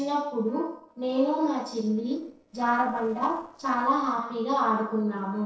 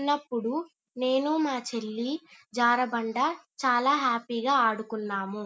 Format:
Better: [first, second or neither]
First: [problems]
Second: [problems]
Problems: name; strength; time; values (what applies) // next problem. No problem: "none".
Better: second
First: noise reduction (neural separator model SepFormer DNS4)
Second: none